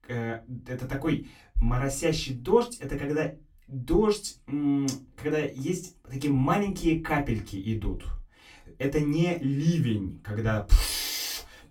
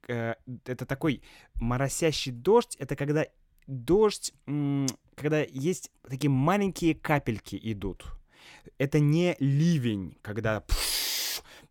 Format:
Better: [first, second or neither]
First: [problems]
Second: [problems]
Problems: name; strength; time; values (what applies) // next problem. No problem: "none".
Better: second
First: off-mic speech; far // room echo; very slight; dies away in 0.2 s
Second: none